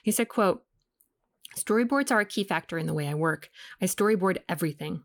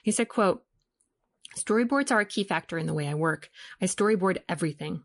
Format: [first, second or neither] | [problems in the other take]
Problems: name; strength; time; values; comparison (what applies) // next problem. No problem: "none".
first | garbled, watery; slightly; nothing above 10.5 kHz